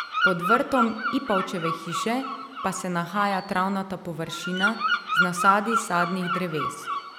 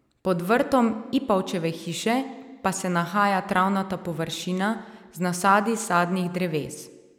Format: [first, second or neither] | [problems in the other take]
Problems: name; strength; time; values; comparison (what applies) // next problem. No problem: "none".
second | background sound (Bird vocalization, bird call, bird song); 1 dB below the speech